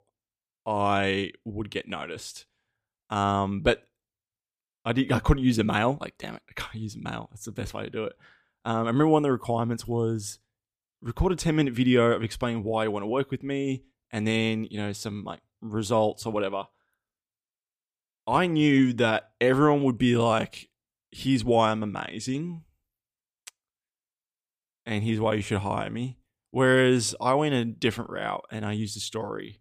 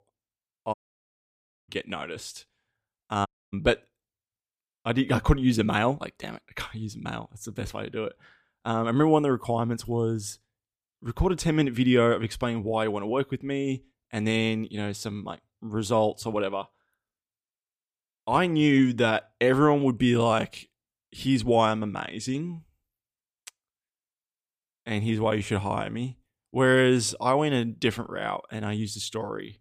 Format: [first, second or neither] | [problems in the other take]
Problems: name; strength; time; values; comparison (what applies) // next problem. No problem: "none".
first | audio cutting out; at 0.5 s for 1 s and at 3.5 s